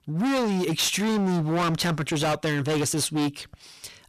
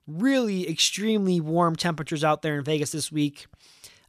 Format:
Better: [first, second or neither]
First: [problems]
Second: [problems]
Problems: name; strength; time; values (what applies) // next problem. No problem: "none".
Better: second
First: distortion; heavy; 31% of the sound clipped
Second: none